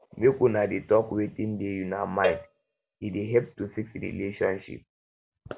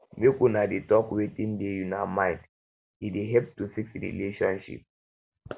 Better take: second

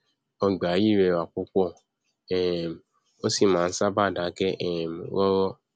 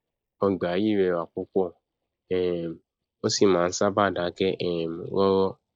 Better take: first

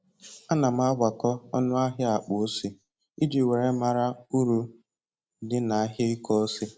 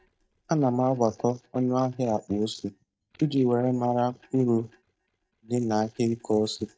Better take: first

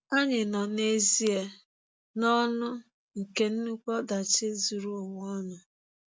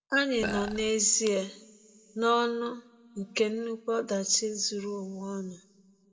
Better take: first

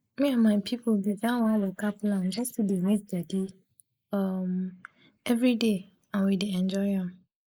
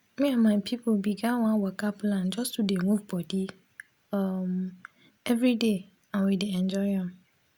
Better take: second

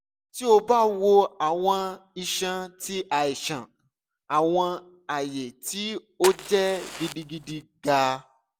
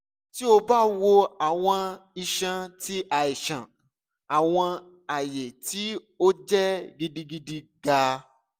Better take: second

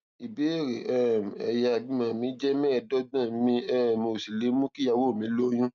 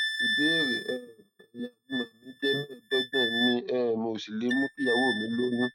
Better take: first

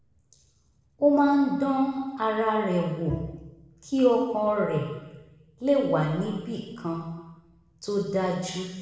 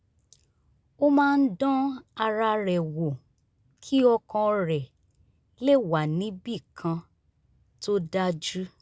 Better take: second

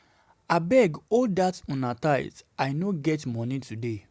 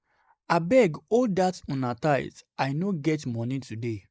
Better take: first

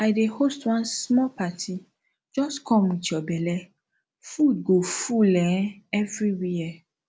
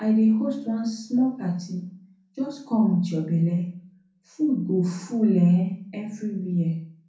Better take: first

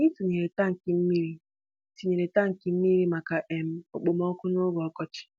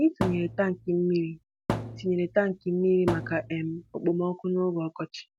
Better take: first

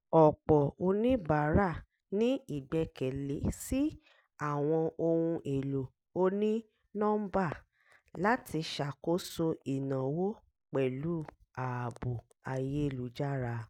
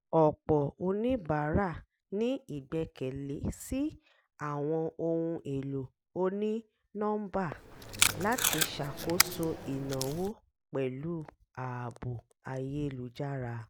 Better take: first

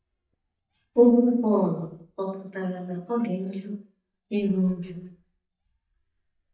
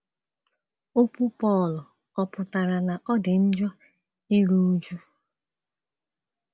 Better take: second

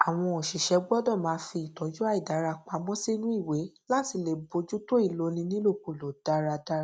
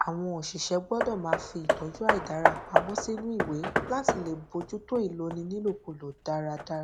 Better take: first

